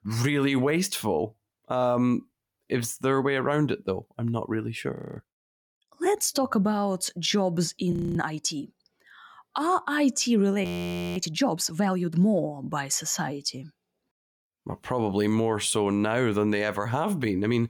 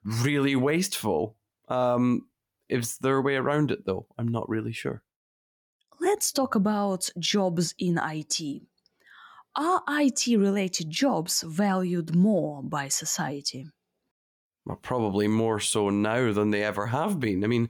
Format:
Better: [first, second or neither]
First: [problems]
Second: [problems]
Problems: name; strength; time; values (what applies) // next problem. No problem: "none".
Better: second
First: audio freezing; at 5 s, at 8 s and at 11 s for 0.5 s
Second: none